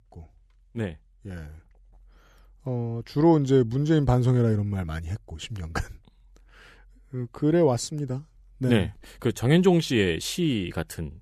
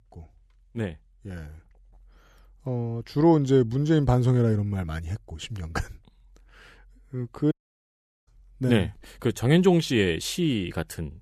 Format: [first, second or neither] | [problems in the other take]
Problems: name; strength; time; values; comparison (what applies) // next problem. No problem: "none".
first | audio cutting out; at 7.5 s for 1 s